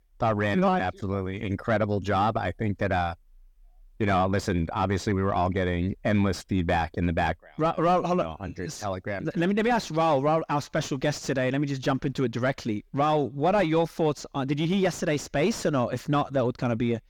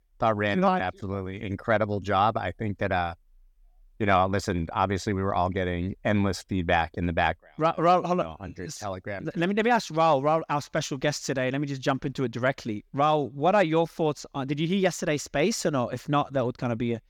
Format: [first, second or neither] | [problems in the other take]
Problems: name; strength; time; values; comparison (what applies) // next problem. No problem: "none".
second | distortion; slight; 10 dB below the speech